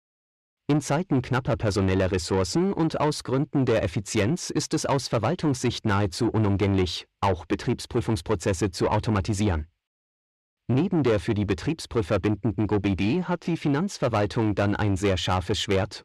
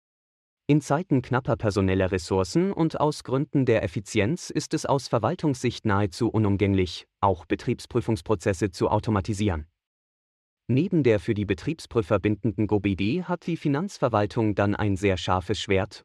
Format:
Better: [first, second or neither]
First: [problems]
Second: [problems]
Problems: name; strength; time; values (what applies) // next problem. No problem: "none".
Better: second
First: distortion; slight; 10 dB below the speech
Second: none